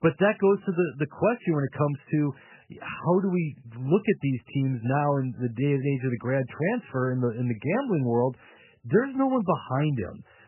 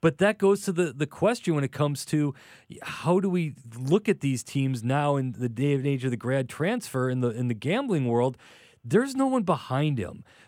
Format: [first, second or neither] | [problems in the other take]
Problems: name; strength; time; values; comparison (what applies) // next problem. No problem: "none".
second | garbled, watery; badly; nothing above 3 kHz